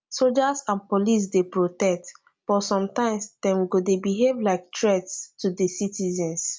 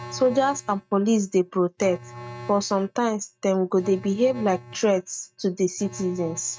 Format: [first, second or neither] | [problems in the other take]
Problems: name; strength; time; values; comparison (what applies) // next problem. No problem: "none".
first | noise reduction (neural mask model RNNoise)